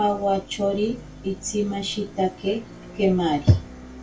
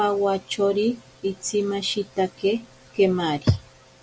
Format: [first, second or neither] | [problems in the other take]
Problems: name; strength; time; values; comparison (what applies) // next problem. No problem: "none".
second | background sound (Bus); 18 dB below the speech // room echo; dies away in 0.2 s